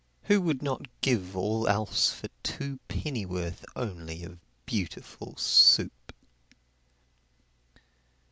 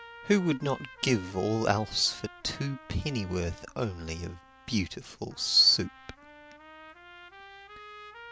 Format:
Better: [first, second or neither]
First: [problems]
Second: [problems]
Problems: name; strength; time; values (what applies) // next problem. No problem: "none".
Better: first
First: none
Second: background sound (Trumpet); 19 dB below the speech